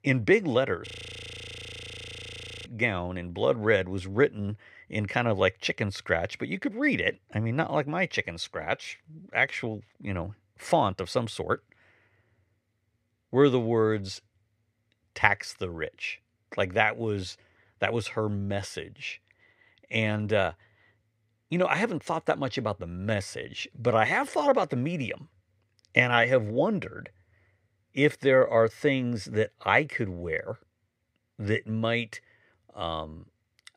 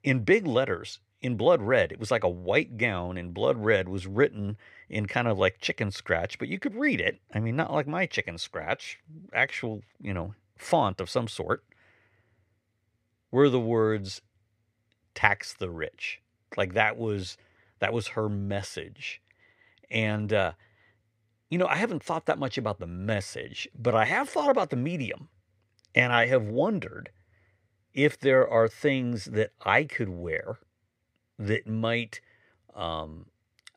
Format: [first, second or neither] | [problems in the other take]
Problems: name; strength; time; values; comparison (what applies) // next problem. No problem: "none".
second | audio freezing; at 1 s for 2 s